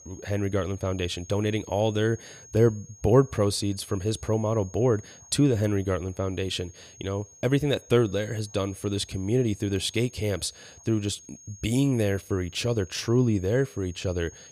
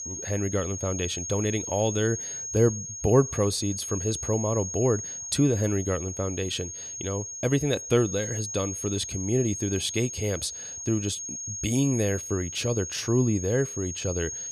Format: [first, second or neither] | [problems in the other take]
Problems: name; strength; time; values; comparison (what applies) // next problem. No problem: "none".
first | high-pitched whine; loud; throughout; 6.5 kHz, 6 dB below the speech; faint in the first